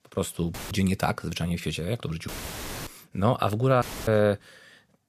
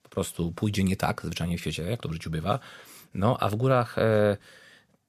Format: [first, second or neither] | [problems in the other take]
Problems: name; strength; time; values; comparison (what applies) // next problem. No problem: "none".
second | audio cutting out; filled with static; at 0.5 s, at 2.5 s for 0.5 s and at 4 s